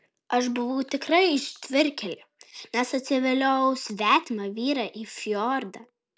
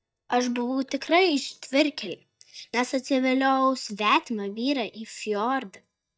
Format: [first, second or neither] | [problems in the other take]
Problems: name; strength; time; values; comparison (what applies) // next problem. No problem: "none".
first | noise reduction (neural mask model DeepFilterNet 3)